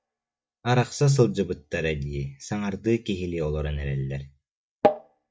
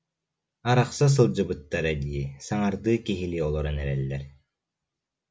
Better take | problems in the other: second | noise reduction (neural mask model DeepFilterNet 3)

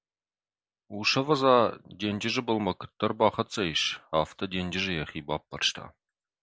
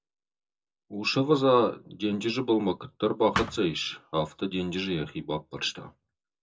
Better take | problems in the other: first | background sound (Thump, thud); 3 dB below the speech // room echo; dies away in 0.2 s

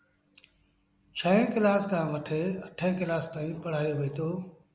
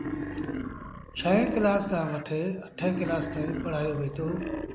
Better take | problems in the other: first | background sound (Wild animals); 6 dB below the speech

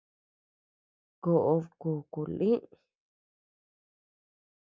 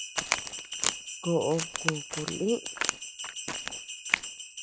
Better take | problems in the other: first | background sound (Crack + Bell); 1 dB above the speech

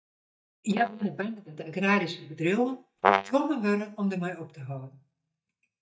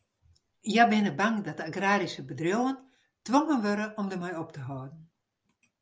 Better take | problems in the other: second | noise reduction (neural mask model DeepFilterNet 3)

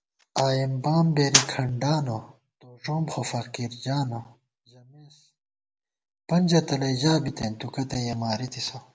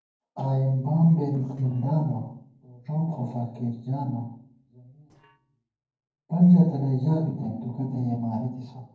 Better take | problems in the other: first | noise reduction (neural separator model SepFormer DNS4)

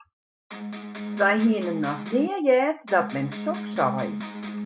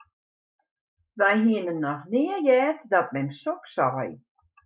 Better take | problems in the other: second | background sound (Electric guitar); 7 dB below the speech

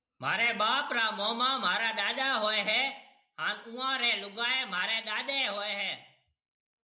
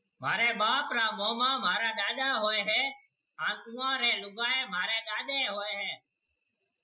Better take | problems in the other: first | noise reduction (classical method Wiener filter)

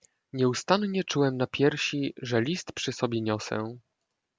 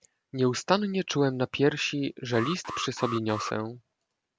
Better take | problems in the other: first | background sound (Alarm); 9 dB below the speech

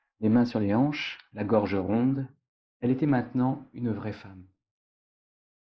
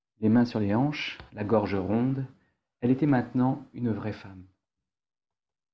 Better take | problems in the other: second | noise reduction (neural mask model Resemble Enhance denoiser)

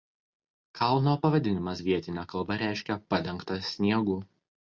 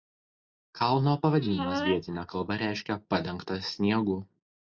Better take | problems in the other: first | noise reduction (neural mask model Resemble Enhance denoiser)

